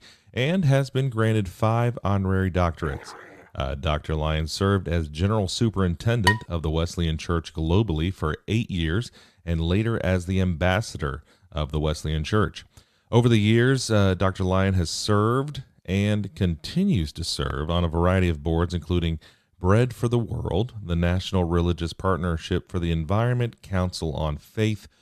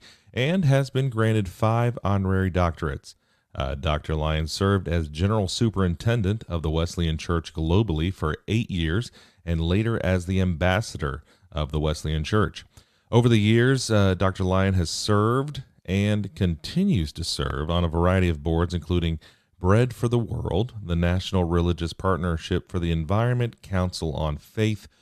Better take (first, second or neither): second